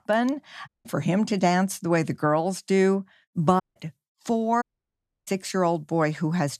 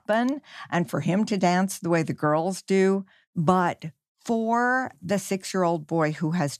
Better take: second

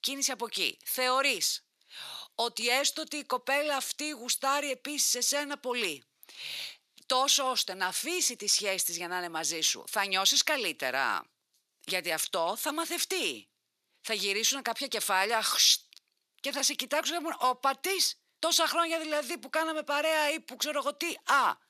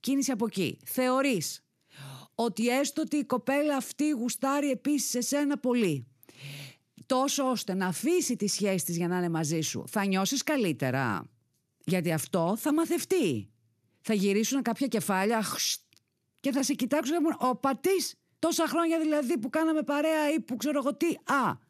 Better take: second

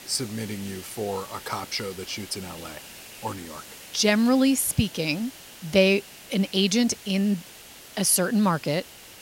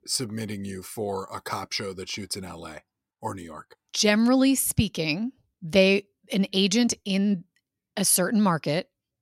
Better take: second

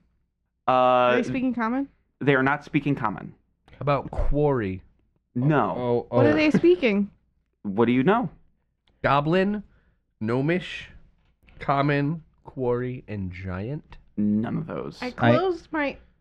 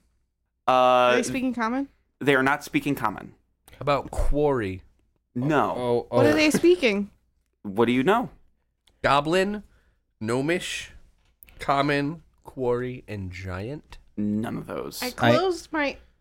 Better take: second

